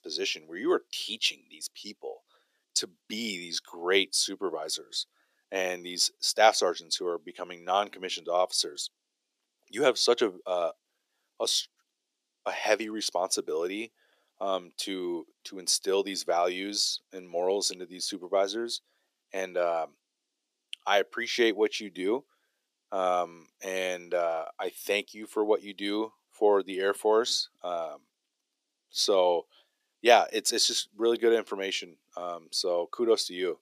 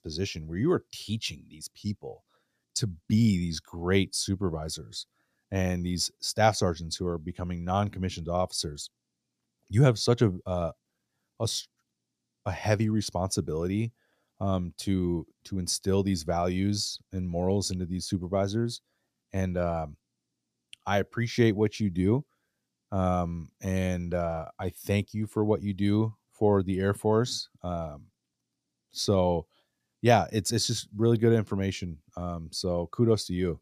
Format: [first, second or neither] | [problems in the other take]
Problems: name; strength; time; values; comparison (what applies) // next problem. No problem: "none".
second | thin; very; fading below 350 Hz